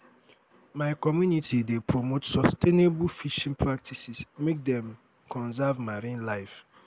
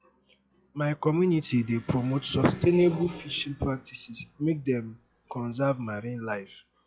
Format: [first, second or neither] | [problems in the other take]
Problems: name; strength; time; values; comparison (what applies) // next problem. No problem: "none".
first | noise reduction (classical method log-MMSE)